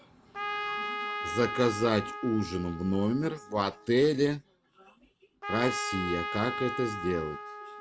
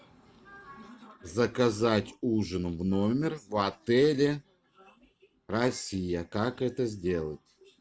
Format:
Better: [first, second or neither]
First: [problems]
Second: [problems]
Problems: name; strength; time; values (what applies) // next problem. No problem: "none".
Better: second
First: background sound (Trumpet); 7 dB below the speech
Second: none